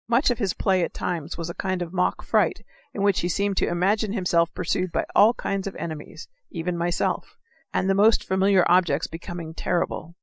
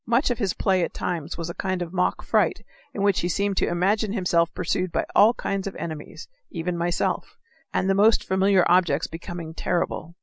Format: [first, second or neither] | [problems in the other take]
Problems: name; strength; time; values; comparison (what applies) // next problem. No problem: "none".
second | noise reduction (neural mask model DeepFilterNet 3)